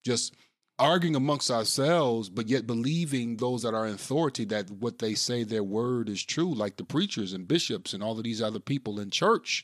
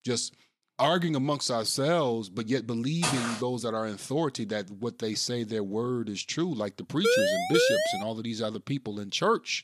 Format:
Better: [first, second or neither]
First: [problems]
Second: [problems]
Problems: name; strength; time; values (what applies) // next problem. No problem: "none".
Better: first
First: none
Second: footsteps; loud; at 3 s; peak 1 dB above the speech // siren; loud; at 7 s; peak 6 dB above the speech